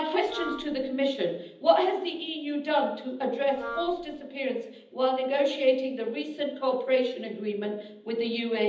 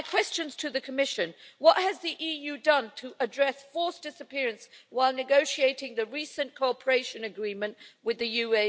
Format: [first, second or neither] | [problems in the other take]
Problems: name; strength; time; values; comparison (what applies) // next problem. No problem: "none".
second | background sound (Wind instrument, woodwind instrument); 12 dB below the speech // room echo; dies away in 0.8 s